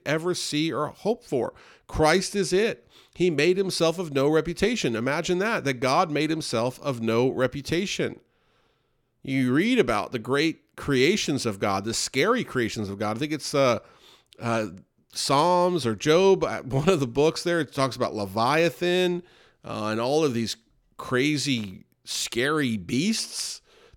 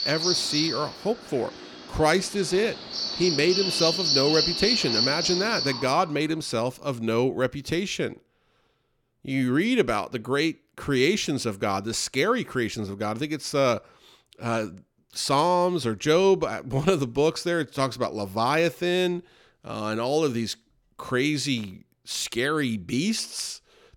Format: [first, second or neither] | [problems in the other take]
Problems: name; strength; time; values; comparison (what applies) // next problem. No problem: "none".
first | animal sounds; very loud; until 5.5 s; 1 dB above the speech